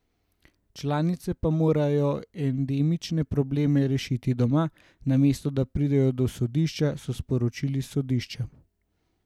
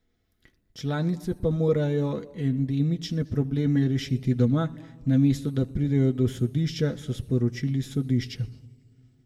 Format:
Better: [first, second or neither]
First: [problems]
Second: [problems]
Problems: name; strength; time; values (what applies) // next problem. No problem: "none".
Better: first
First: none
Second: room echo; dies away in 1.1 s